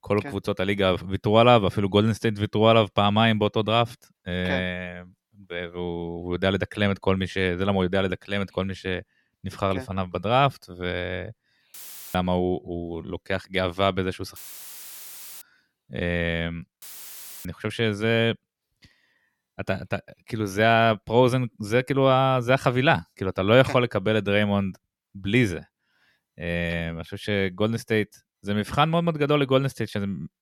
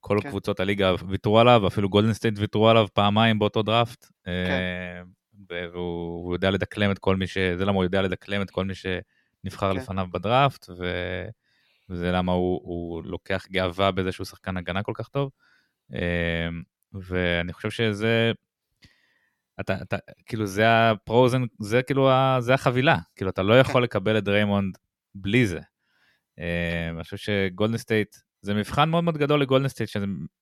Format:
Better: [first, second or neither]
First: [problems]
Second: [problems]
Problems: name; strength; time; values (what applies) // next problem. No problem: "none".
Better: second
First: audio cutting out; filled with static; at 12 s, at 14 s for 1 s and at 17 s for 0.5 s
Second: none